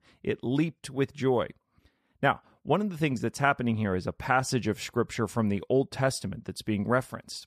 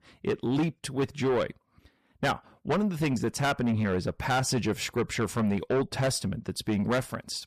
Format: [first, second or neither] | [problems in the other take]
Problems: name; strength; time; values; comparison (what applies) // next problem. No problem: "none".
first | distortion; heavy; 6 dB below the speech